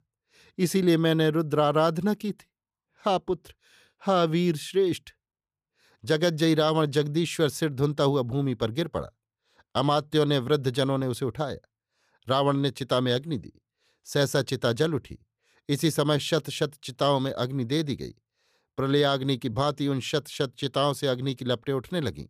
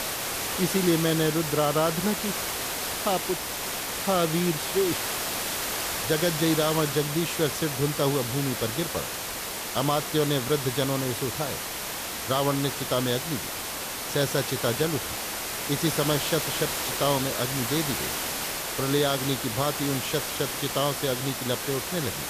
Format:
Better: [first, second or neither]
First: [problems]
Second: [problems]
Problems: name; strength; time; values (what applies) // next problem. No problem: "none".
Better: first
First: none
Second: hiss; loud; throughout; 2 dB below the speech